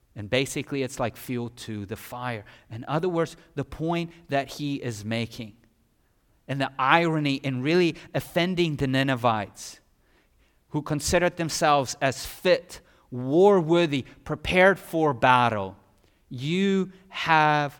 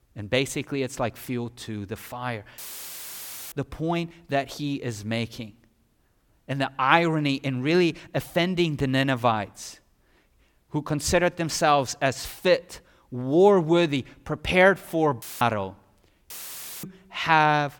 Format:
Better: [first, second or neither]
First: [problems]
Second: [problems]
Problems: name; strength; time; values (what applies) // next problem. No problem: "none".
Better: first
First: none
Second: audio cutting out; filled with static; at 2.5 s for 1 s, at 15 s and at 16 s for 0.5 s